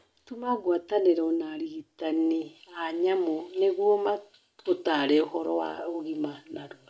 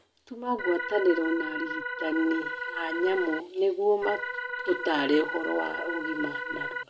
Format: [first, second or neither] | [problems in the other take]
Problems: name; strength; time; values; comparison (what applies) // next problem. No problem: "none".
first | background sound (Organ); 5 dB below the speech